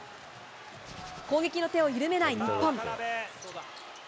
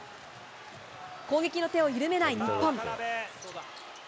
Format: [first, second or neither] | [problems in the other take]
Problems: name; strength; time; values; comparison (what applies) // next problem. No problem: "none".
second | background sound (Hands); 19 dB below the speech